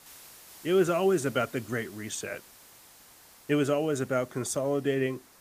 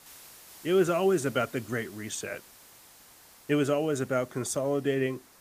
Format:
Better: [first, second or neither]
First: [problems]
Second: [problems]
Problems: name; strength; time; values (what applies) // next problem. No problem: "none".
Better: neither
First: hiss; faint; throughout; 20 dB below the speech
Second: hiss; faint; throughout; 20 dB below the speech